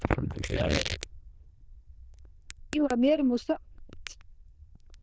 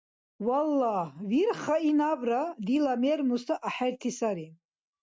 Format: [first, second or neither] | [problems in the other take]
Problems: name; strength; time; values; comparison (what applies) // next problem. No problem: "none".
second | noise reduction (neural diffusion model UNIVERSE++)